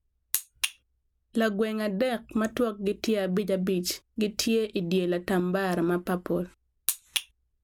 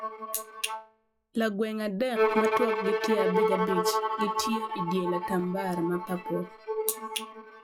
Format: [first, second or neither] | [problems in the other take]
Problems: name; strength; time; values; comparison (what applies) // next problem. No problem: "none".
first | noise reduction (classical method log-MMSE)